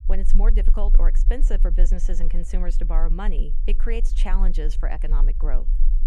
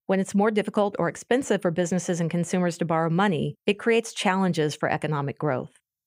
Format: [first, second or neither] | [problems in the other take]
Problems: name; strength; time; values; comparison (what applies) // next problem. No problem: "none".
second | low rumble; noticeable; throughout; 15 dB below the speech